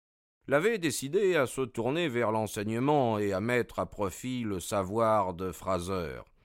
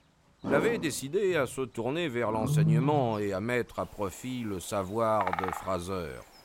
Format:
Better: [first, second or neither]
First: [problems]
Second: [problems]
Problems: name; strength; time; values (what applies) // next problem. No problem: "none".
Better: first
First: none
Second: animal sounds; loud; throughout; 1 dB below the speech